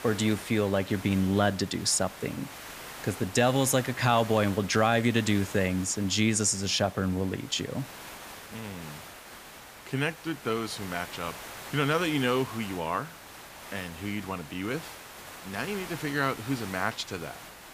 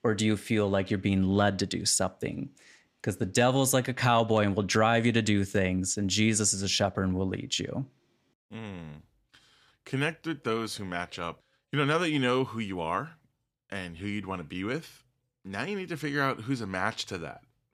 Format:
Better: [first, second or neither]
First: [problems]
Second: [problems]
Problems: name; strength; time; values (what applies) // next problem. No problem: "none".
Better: second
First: hiss; noticeable; throughout; 15 dB below the speech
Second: none